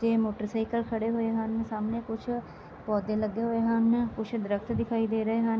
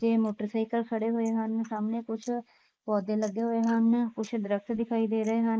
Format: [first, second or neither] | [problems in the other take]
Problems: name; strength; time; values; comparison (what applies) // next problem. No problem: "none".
first | noise reduction (neural mask model Resemble Enhance denoiser)